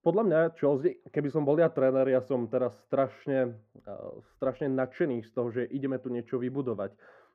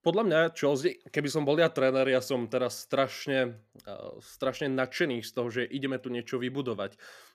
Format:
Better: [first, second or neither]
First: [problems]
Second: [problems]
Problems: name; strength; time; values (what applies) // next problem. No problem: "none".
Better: second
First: muffled; very; fading above 2.5 kHz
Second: none